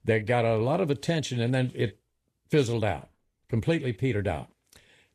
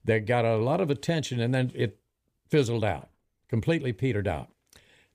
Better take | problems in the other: second | garbled, watery; slightly; nothing above 14 kHz

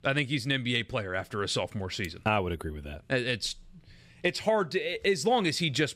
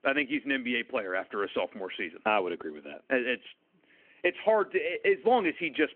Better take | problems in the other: first | phone-call audio

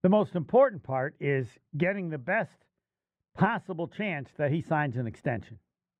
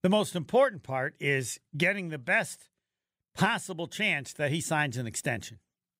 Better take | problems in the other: second | muffled; very; fading above 3.5 kHz

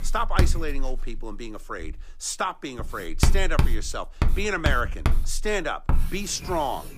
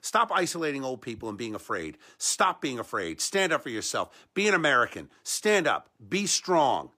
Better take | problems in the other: second | household noises; very loud; throughout; 2 dB above the speech

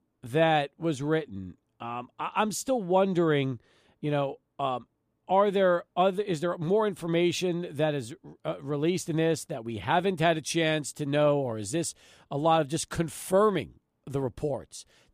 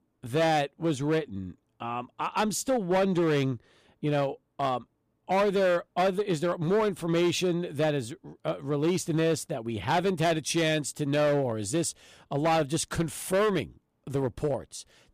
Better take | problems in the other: first | distortion; slight; 9% of the sound clipped

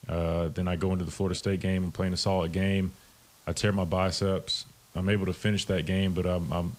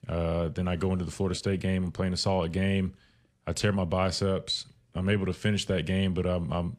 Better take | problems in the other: second | hiss; faint; throughout; 25 dB below the speech

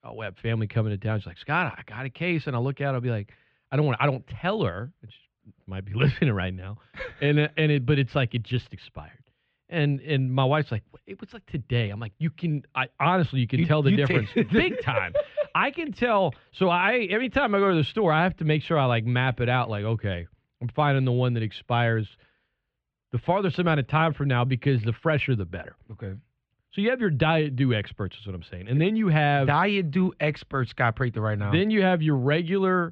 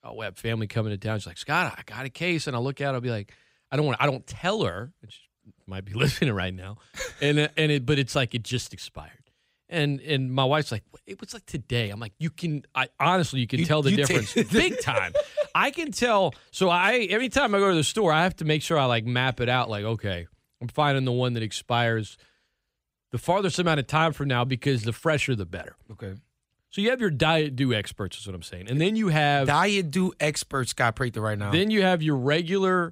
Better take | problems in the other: second | muffled; very; fading above 3 kHz

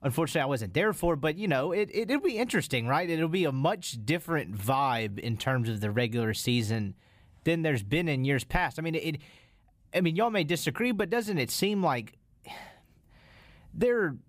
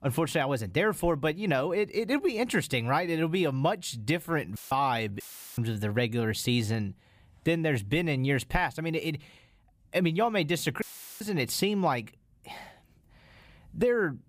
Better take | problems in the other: first | audio cutting out; filled with static; at 4.5 s, at 5 s and at 11 s

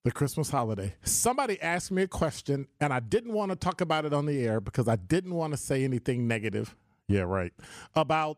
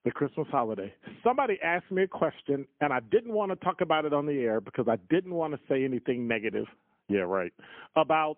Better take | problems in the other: first | phone-call audio; poor line; nothing above 3 kHz

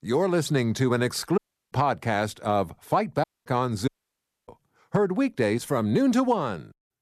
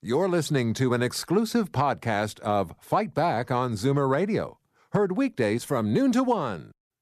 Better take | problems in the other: second | audio cutting out; at 1.5 s, at 3 s and at 4 s for 0.5 s

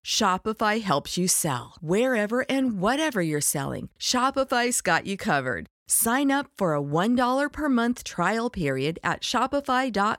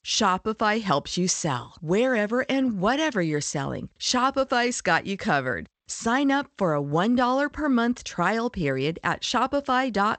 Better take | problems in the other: first | garbled, watery; slightly; nothing above 8 kHz

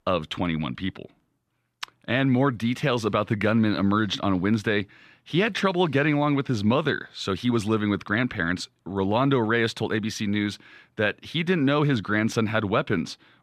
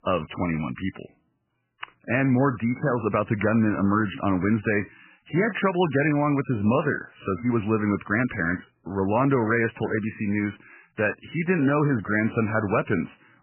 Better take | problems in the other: first | garbled, watery; badly; nothing above 3 kHz

